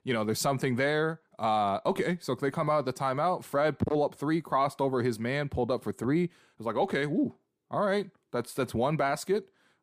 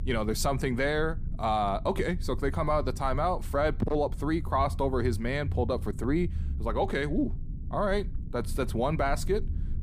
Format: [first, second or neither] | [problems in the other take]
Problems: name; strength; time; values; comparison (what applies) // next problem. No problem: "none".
first | low rumble; faint; throughout; 20 dB below the speech